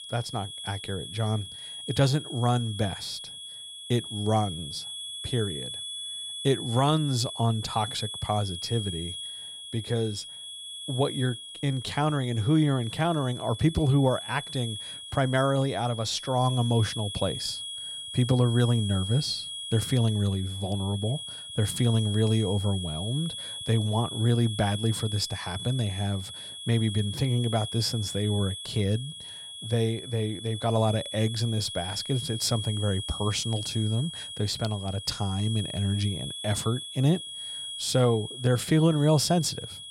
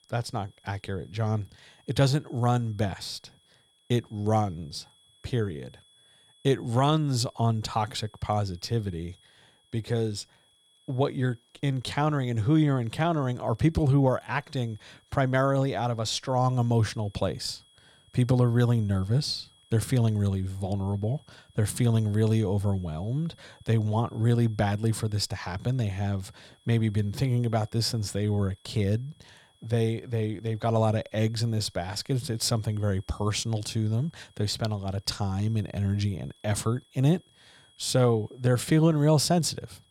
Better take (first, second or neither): second